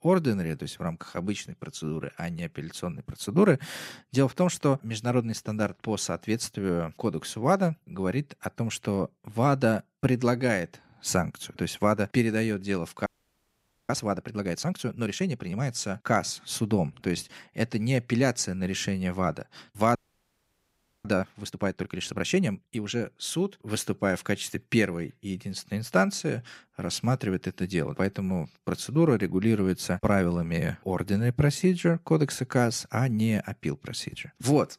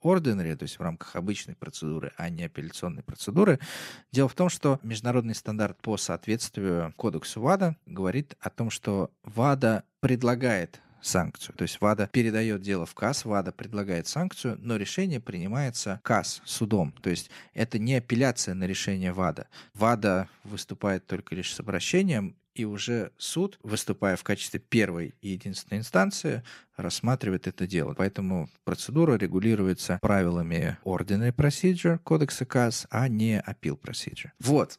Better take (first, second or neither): second